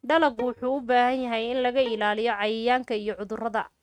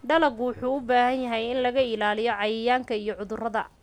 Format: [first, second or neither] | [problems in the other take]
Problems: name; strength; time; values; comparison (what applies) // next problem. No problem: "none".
second | noise reduction (neural mask model RNNoise)